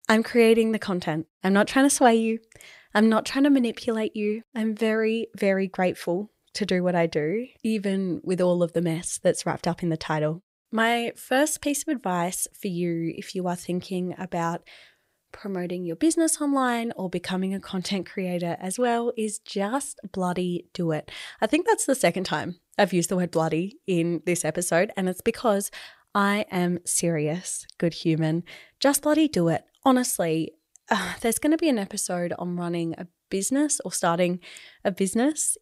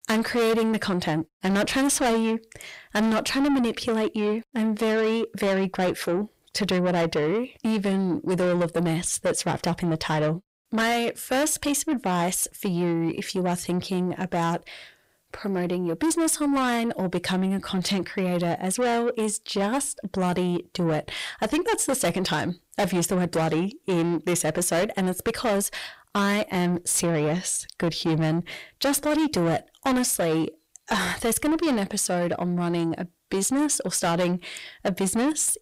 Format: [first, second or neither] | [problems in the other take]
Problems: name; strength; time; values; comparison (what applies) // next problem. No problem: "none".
first | distortion; heavy; 7 dB below the speech